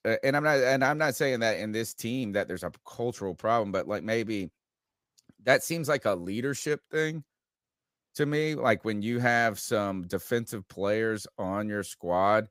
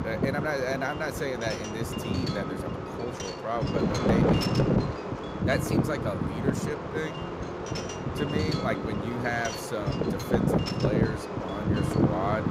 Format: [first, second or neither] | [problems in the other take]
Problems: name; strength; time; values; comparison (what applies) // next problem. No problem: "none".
first | wind noise on the microphone; heavy; 1 dB above the speech